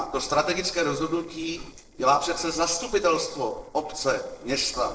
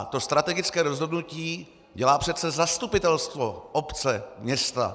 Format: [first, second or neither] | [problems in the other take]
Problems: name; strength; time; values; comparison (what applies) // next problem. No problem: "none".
second | noise reduction (neural separator model SepFormer DNS4)